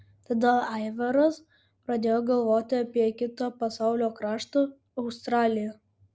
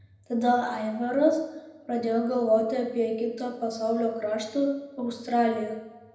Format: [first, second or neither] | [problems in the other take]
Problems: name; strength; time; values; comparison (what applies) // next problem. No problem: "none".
first | room echo; dies away in 0.8 s